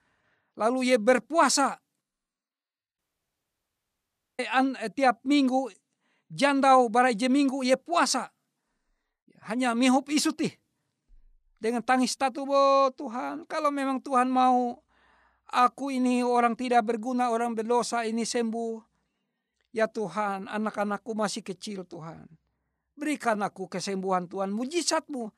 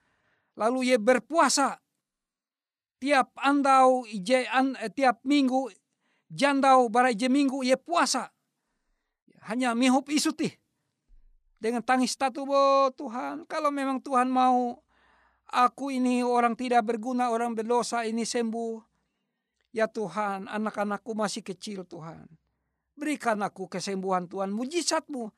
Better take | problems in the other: second | audio cutting out; at 3 s for 1.5 s

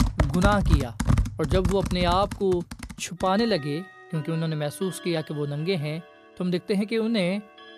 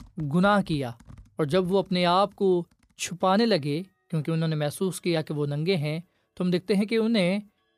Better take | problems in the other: second | household noises; loud; throughout; 2 dB below the speech; faint in the second

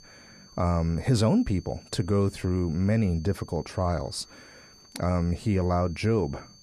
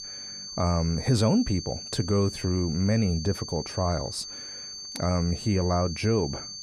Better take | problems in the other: first | high-pitched whine; loud; throughout; 4.5 kHz, 9 dB below the speech; faint in the first

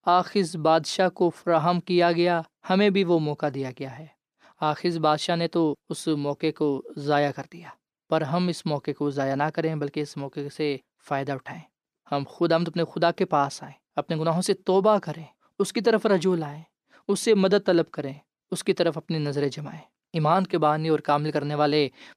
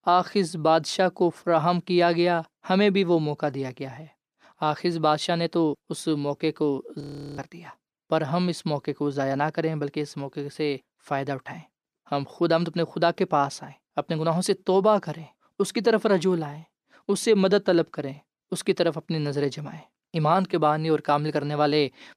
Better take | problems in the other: first | audio freezing; at 7 s

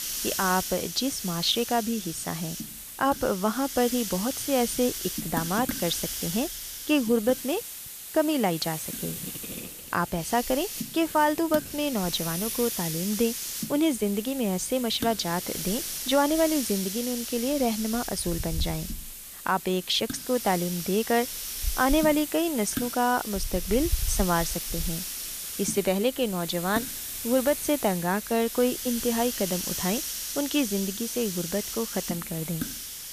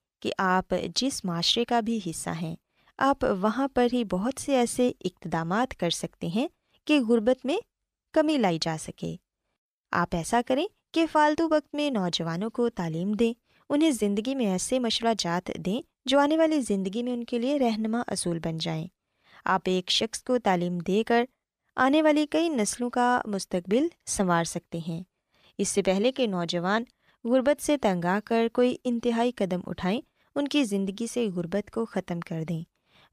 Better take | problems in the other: second | hiss; loud; throughout; 5 dB below the speech

